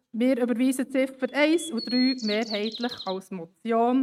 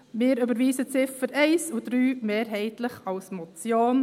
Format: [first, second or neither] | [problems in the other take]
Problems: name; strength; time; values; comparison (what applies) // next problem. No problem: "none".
second | noise reduction (neural mask model RNNoise)